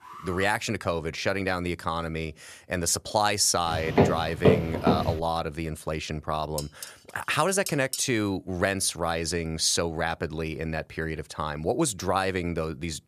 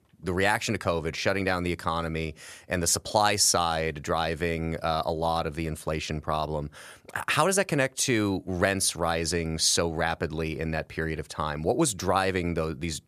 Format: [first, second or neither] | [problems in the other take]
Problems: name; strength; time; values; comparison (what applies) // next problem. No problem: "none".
second | alarm; faint; at the start; peak 15 dB below the speech // footsteps; loud; from 3.5 to 5 s; peak 5 dB above the speech // clattering dishes; noticeable; from 6.5 to 8 s; peak 6 dB below the speech